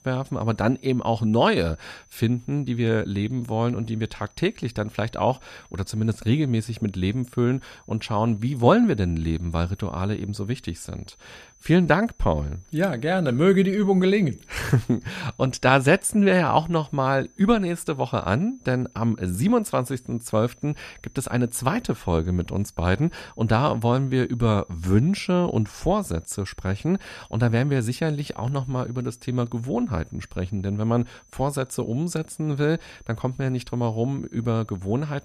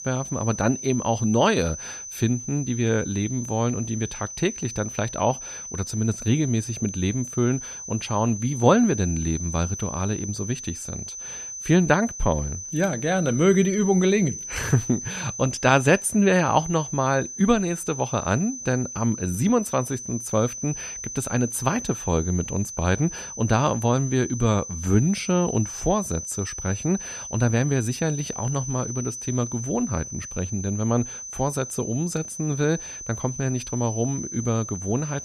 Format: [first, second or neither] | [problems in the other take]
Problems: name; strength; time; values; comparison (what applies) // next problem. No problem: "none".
first | high-pitched whine; loud; throughout; 6 kHz, 9 dB below the speech; faint in the first